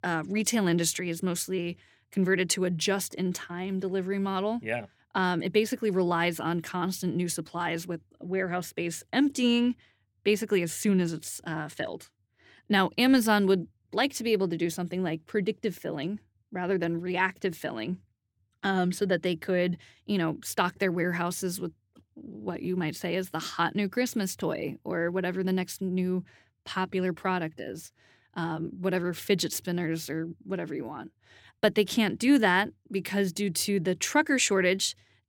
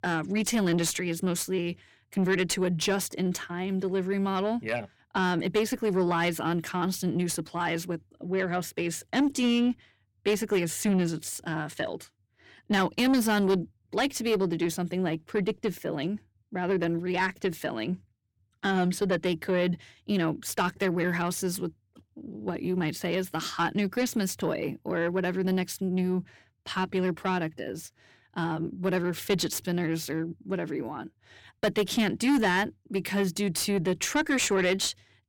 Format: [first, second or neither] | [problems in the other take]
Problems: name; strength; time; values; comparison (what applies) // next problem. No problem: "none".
first | distortion; slight; 10 dB below the speech